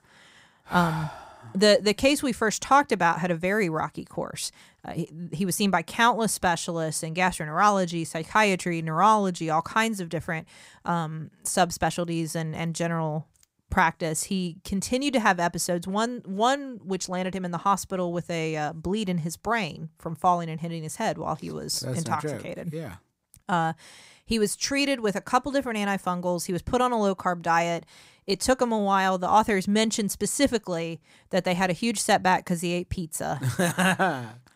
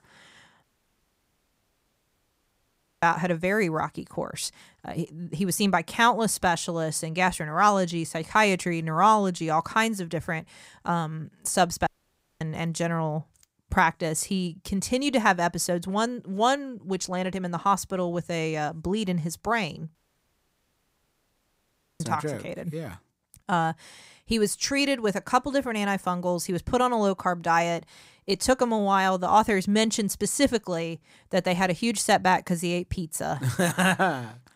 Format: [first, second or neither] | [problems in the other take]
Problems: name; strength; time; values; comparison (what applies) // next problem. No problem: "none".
first | audio cutting out; at 0.5 s for 2.5 s, at 12 s for 0.5 s and at 20 s for 2 s